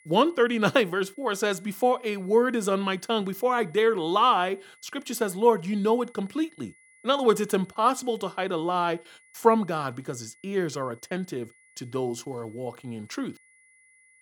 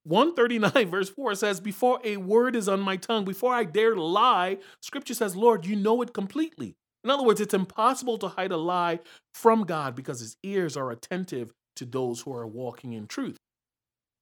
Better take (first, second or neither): second